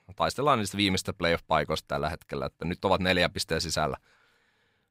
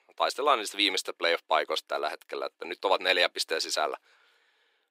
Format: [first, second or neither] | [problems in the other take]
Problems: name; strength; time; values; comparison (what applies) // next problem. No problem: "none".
first | thin; very; fading below 350 Hz